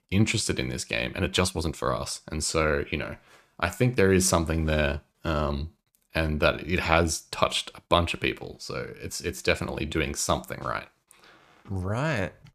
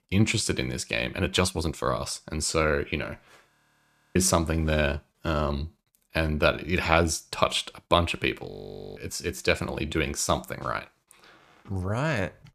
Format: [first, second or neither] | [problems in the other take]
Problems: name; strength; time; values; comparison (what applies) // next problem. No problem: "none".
first | audio freezing; at 3.5 s for 0.5 s and at 8.5 s